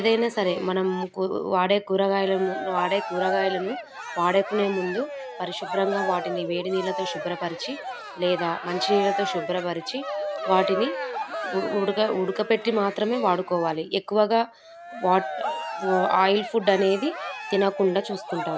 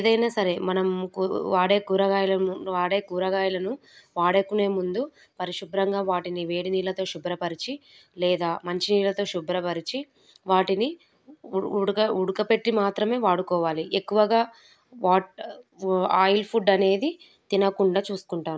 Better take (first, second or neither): second